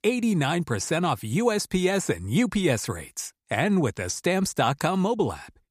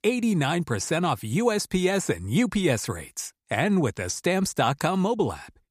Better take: neither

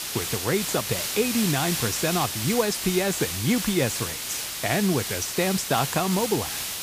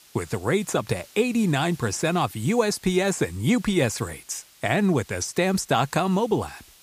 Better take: second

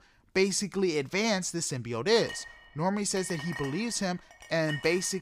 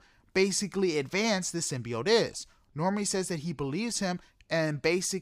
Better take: second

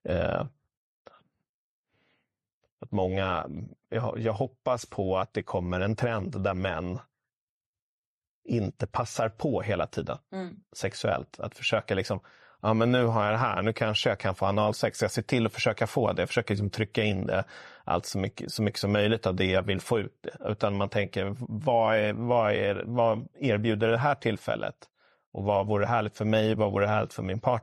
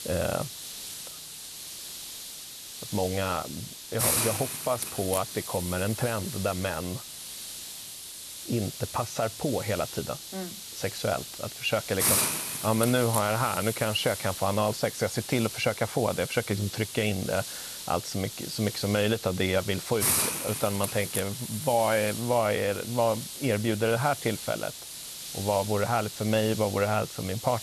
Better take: first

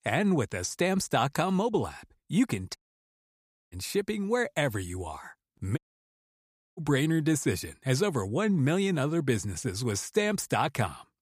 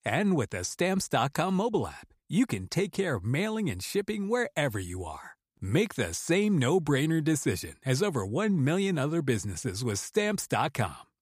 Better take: second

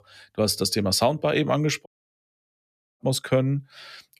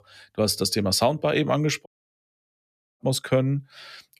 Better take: neither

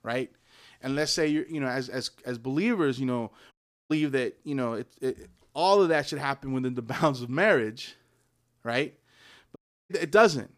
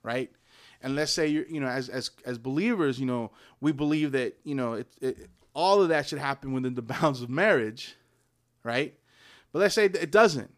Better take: second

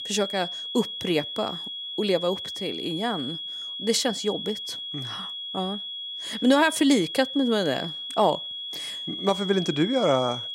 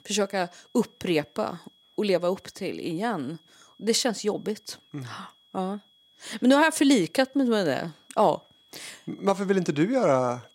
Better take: second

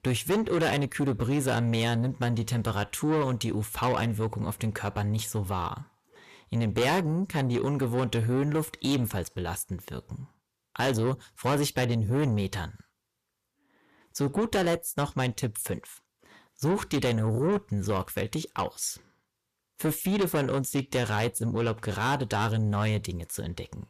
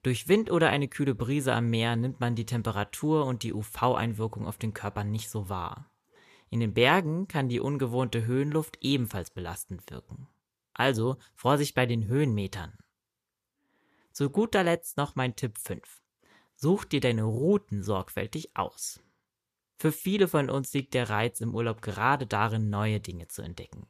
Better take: second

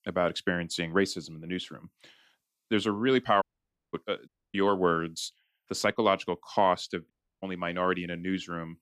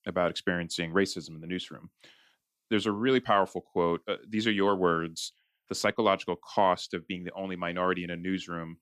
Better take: second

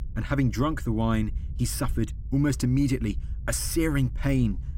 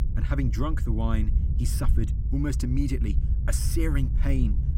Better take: first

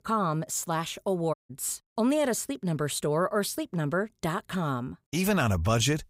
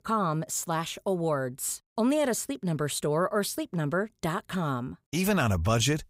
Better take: second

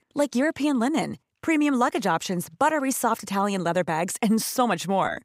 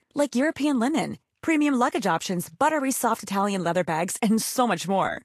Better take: first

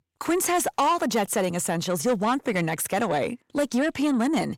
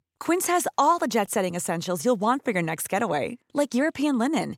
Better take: second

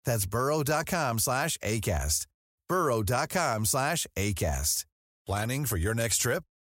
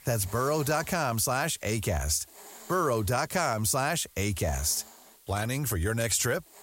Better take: first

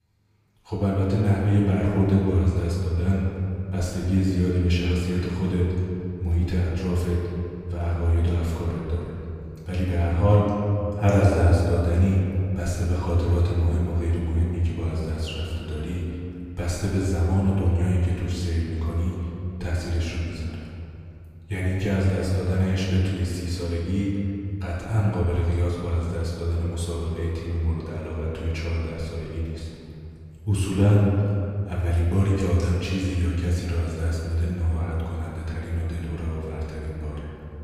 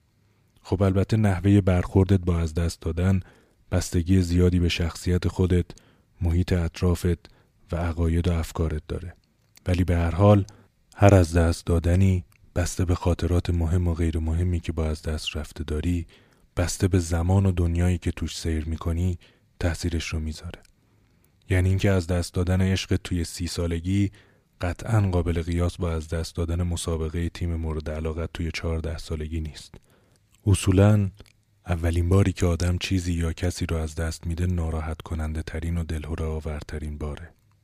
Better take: second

